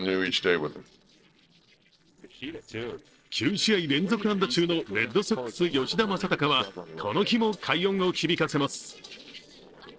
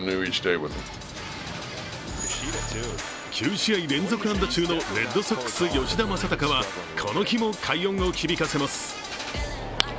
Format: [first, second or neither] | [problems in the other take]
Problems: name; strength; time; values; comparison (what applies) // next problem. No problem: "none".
second | noise reduction (neural separator model SepFormer DNS4)